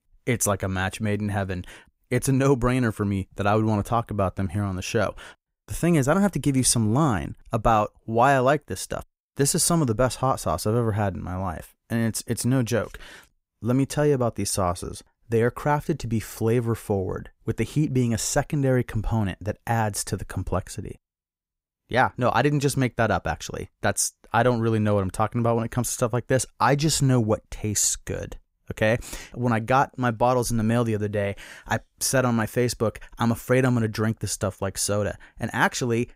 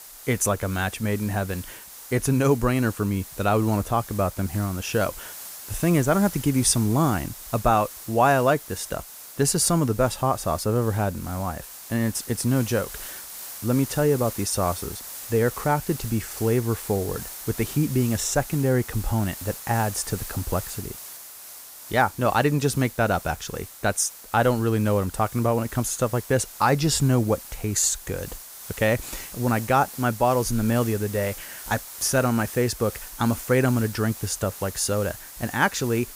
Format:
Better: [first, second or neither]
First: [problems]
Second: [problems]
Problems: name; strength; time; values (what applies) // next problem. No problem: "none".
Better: first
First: none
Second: hiss; noticeable; throughout; 15 dB below the speech